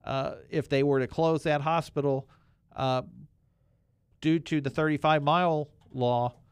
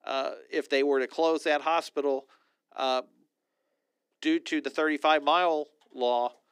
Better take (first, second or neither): first